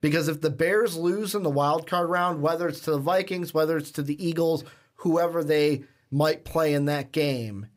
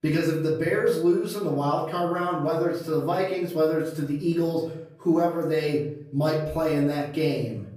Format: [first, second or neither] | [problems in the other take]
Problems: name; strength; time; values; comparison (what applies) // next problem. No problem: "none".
first | off-mic speech; far // room echo; noticeable; dies away in 0.7 s